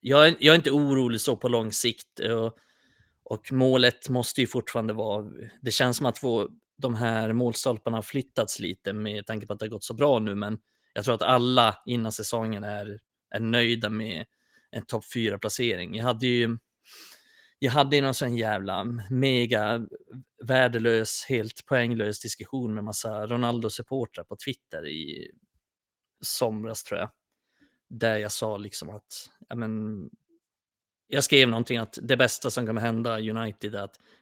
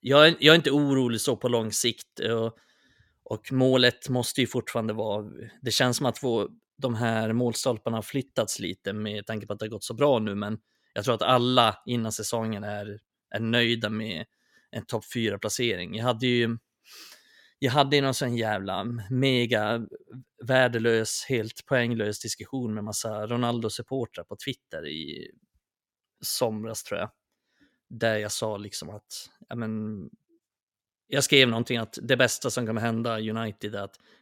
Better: second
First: garbled, watery; slightly; nothing above 17 kHz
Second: none

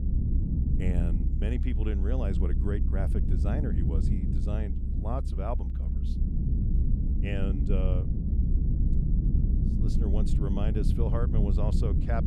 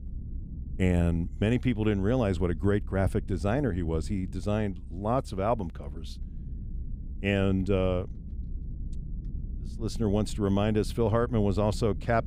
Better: second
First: low rumble; loud; throughout; 3 dB below the speech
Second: low rumble; faint; throughout; 25 dB below the speech

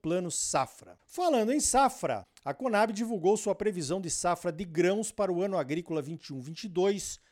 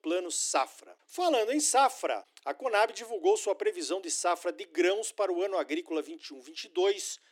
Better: first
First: none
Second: thin; somewhat; fading below 300 Hz

